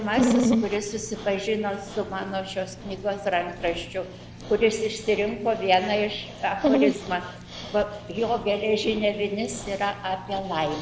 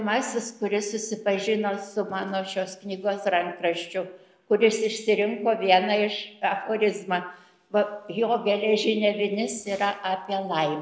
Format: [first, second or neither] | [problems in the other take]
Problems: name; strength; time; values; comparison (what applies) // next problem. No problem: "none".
second | background sound (Dog); 4 dB below the speech